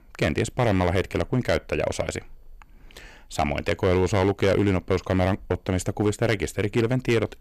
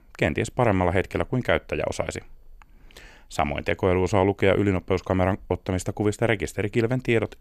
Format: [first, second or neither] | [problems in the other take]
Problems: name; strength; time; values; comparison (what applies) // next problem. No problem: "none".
second | distortion; slight; 5% of the sound clipped